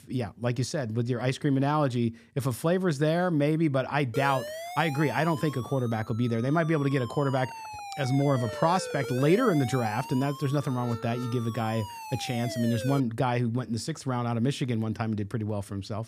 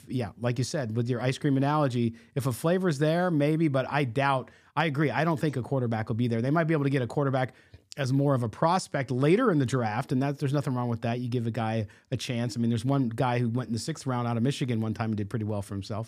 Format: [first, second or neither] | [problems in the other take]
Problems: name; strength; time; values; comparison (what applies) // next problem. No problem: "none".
second | siren; noticeable; from 4 to 13 s; peak 8 dB below the speech